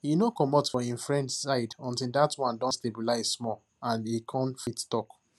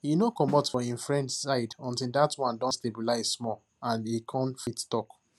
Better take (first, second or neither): first